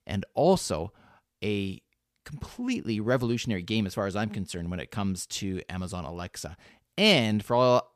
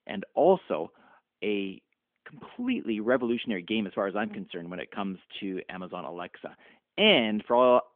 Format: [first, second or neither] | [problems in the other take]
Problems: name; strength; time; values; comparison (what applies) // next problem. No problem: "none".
first | phone-call audio; nothing above 3.5 kHz